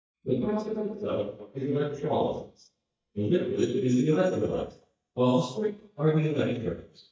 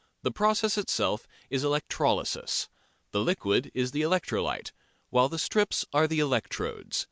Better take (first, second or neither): second